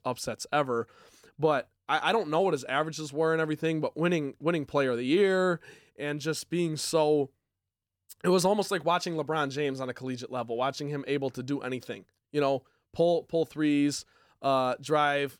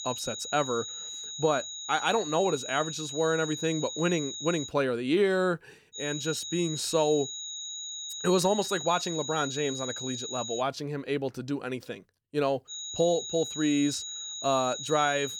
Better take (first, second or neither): first